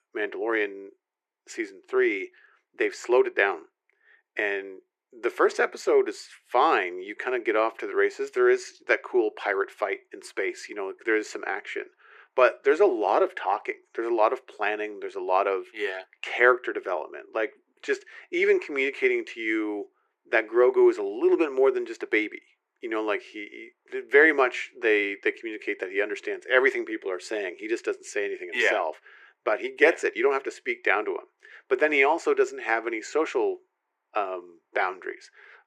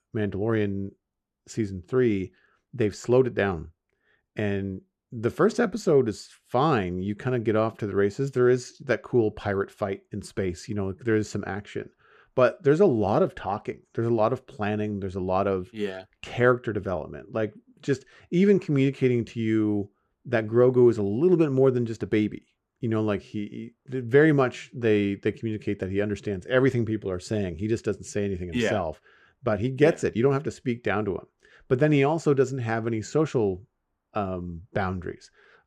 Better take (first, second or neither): second